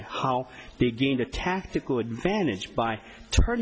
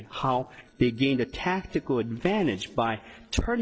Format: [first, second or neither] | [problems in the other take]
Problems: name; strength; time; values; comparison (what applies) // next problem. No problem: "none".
first | noise reduction (neural separator model SepFormer DNS4)